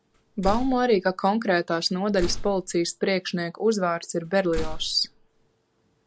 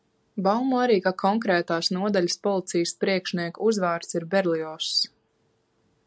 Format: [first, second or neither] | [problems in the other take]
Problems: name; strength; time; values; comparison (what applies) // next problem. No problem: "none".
second | background sound (Slam); 8 dB below the speech